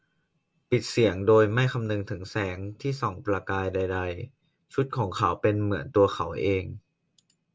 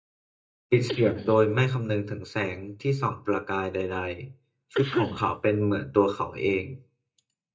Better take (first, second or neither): first